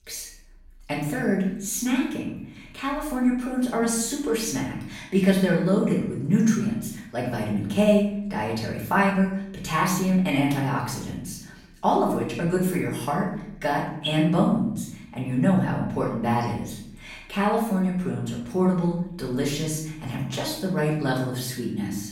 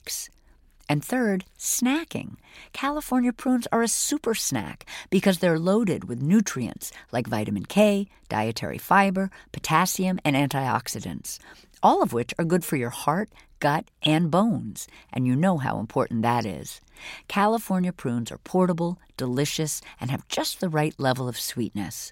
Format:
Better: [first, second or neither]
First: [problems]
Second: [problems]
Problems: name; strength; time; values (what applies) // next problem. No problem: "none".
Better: second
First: off-mic speech; far // room echo; noticeable; dies away in 0.7 s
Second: none